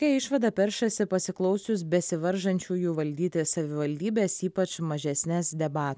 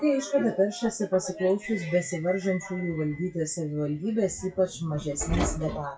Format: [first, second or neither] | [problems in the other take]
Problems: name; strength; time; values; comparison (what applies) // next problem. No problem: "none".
first | noise reduction (classical method WPE with log-MMSE)